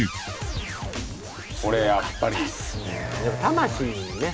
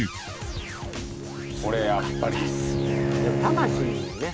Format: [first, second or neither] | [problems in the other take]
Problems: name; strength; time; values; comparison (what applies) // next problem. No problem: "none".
first | background sound (Bowed string instrument); as loud as the speech